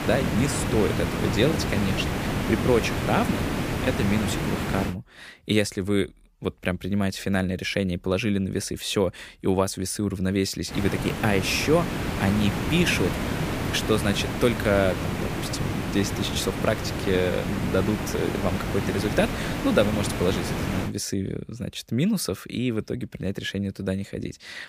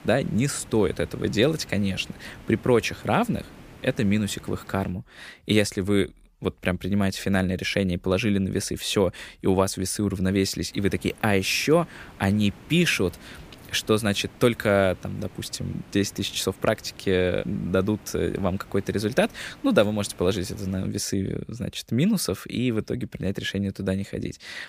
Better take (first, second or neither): second